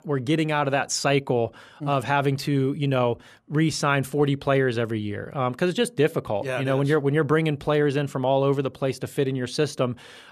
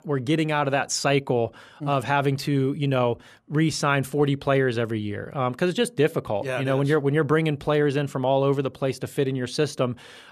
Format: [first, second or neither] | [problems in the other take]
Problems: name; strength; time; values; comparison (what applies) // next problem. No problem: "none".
neither | none